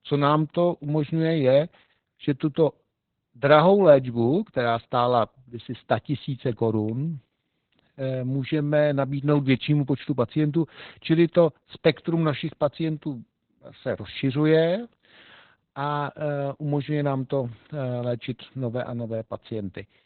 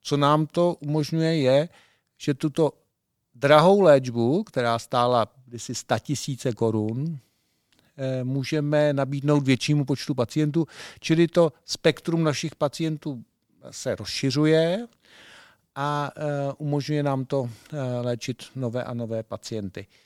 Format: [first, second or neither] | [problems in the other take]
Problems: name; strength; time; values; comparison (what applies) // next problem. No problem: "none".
second | garbled, watery; badly; nothing above 4 kHz